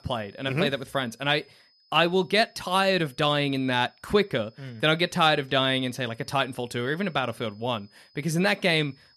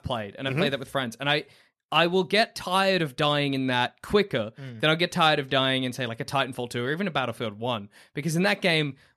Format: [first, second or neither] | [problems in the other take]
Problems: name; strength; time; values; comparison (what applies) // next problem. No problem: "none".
second | high-pitched whine; faint; throughout; 5 kHz, 35 dB below the speech